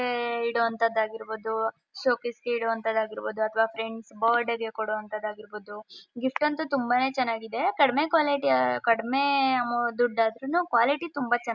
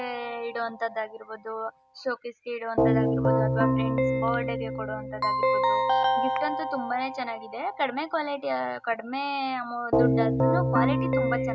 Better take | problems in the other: first | background sound (Keyboard (musical)); 5 dB above the speech

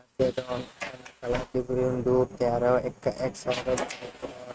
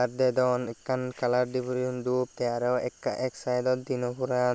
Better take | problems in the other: second | noise reduction (neural mask model RNNoise)

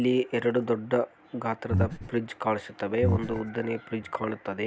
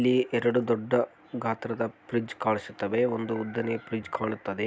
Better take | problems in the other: second | background sound (Breathing); 1 dB above the speech

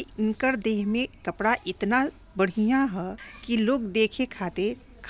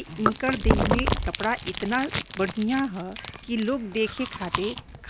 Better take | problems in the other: first | background sound (Chewing, mastication); 1 dB below the speech

